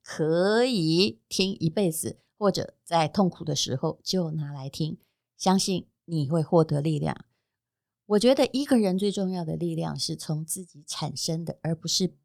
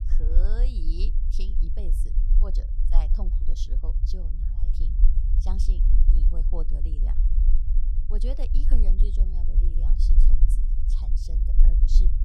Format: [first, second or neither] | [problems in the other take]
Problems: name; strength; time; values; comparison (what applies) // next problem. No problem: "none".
first | low rumble; loud; throughout; 3 dB below the speech